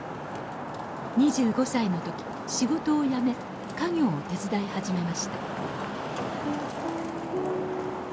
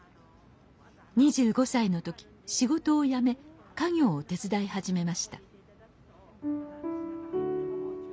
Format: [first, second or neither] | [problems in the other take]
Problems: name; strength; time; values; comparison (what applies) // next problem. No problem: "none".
second | background sound (Traffic noise, roadway noise); 5 dB below the speech